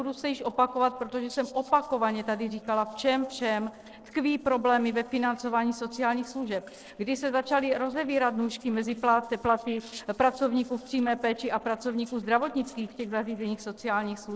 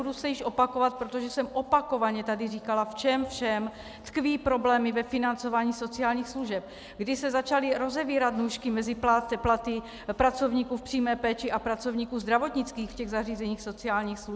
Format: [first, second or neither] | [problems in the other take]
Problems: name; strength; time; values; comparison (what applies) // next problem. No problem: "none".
second | noise reduction (neural separator model SepFormer DNS4)